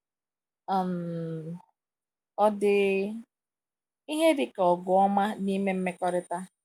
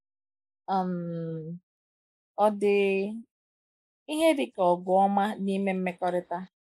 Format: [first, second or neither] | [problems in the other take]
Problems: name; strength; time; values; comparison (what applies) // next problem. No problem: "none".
first | noise reduction (neural mask model Resemble Enhance denoiser)